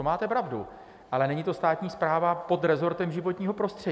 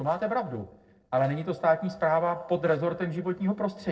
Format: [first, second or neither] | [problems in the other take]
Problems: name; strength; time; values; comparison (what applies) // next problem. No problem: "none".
first | noise reduction (neural separator model SepFormer DNS4)